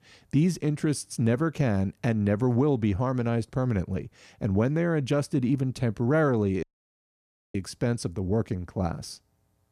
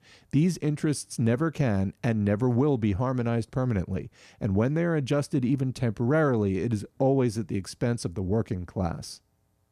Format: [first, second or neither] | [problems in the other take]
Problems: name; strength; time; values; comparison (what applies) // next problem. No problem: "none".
second | audio cutting out; at 6.5 s for 1 s